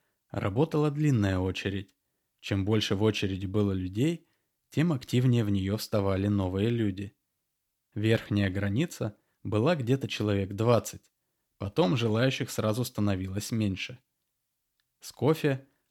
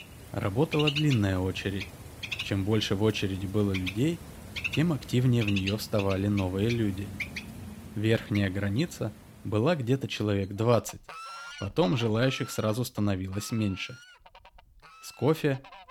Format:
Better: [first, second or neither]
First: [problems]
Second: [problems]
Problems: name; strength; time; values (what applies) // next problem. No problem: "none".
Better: first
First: none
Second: animal sounds; loud; throughout; 10 dB below the speech